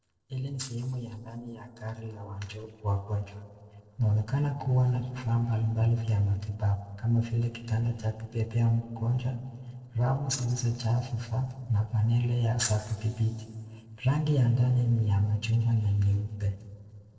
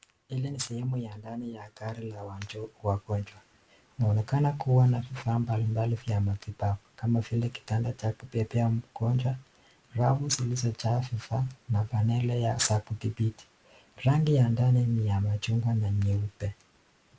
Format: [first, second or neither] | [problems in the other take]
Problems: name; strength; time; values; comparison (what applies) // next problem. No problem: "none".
second | noise reduction (neural separator model SepFormer DNS4)